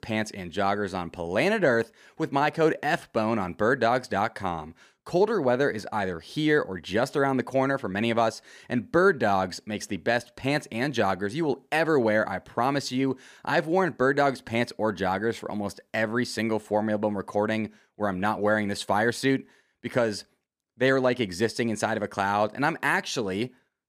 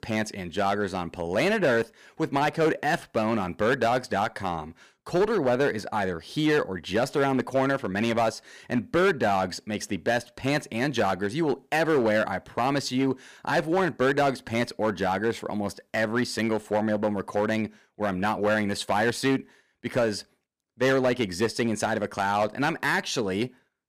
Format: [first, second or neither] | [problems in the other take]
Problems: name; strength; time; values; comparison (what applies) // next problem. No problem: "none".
first | distortion; slight; 5% of the sound clipped